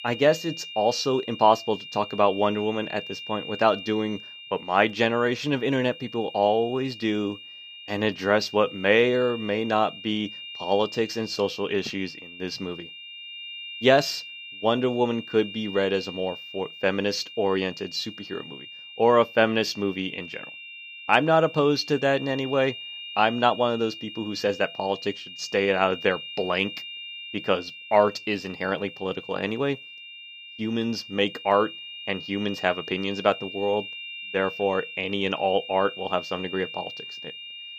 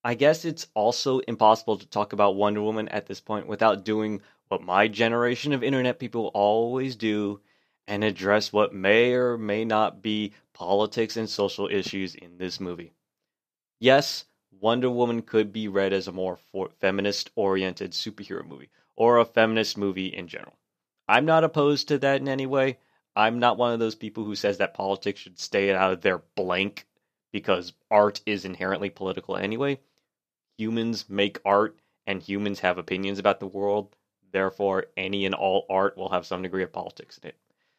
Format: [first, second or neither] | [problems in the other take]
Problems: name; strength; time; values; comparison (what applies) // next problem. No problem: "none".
second | high-pitched whine; noticeable; throughout; 3 kHz, 10 dB below the speech